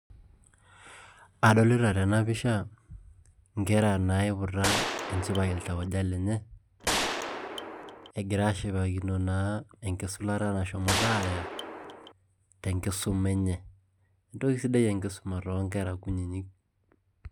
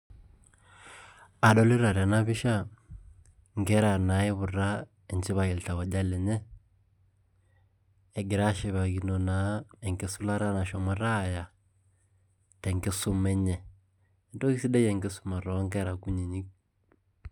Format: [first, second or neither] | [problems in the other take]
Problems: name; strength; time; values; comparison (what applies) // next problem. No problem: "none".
second | background sound (Gunshot, gunfire); 3 dB below the speech